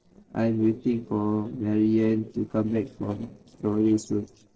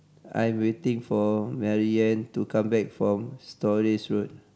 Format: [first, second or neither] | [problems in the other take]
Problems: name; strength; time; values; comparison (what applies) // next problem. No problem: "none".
second | noise reduction (neural separator model SepFormer DNS4)